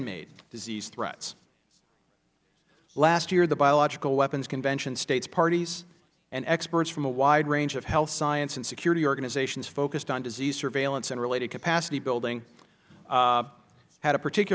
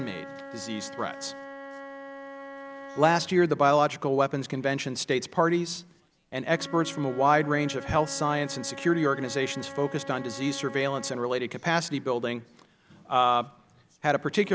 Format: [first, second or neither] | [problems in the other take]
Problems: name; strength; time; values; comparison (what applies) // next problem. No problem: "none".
first | background sound (Wind instrument, woodwind instrument); 16 dB below the speech